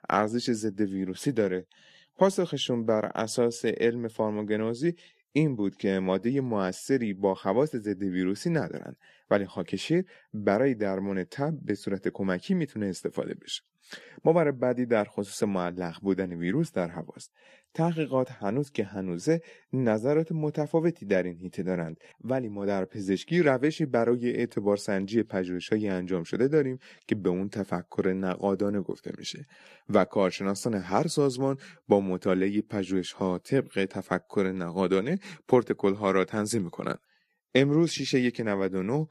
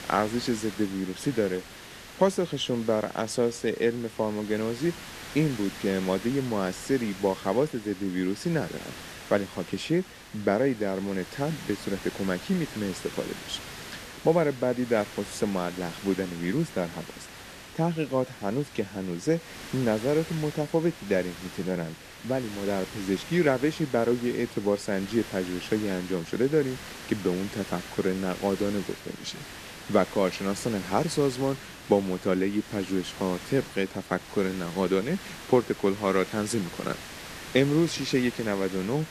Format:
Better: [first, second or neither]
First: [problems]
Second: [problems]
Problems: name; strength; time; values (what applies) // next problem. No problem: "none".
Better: first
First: none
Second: hiss; noticeable; throughout; 15 dB below the speech